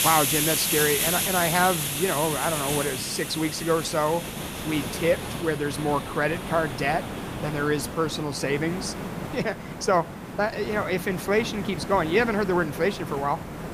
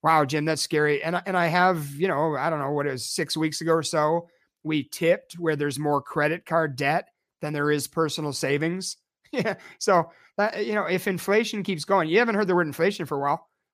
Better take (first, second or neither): second